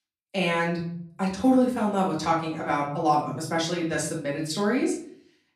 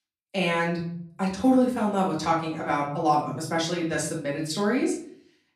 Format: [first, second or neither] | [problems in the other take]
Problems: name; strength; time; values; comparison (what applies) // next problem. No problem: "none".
neither | room echo; slight; dies away in 0.5 s; the same in both // off-mic speech; far; the same in both